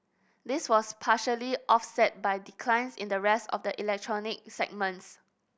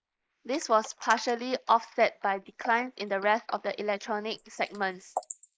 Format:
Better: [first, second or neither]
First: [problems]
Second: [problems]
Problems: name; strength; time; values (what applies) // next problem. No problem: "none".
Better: first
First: none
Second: noise reduction (neural mask model Resemble Enhance denoiser)